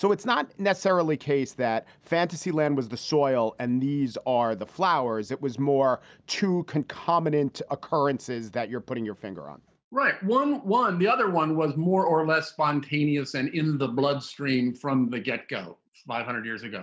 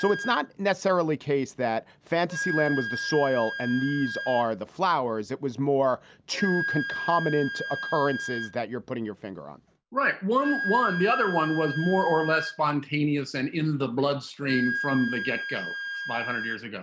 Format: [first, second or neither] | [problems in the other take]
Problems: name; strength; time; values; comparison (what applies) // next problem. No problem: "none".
first | background sound (Wind instrument, woodwind instrument); 8 dB below the speech